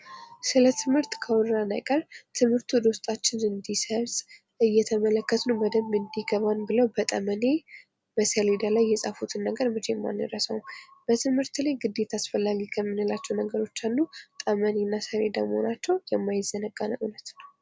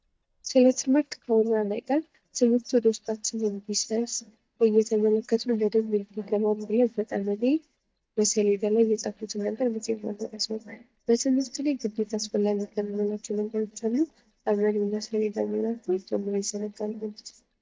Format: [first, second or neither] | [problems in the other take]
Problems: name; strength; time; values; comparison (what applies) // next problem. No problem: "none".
first | noise reduction (neural mask model DeepFilterNet 3)